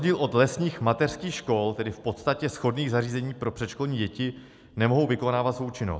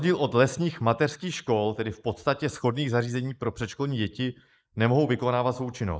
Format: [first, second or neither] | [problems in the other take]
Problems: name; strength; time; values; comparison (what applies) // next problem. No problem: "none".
first | noise reduction (neural mask model Resemble Enhance denoiser)